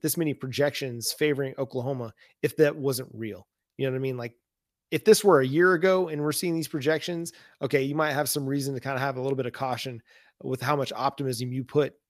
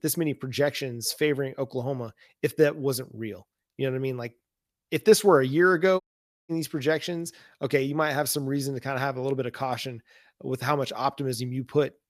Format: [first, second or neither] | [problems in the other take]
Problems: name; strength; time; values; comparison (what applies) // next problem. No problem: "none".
first | audio cutting out; at 6 s